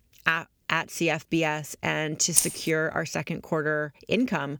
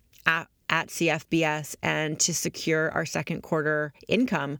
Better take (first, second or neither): second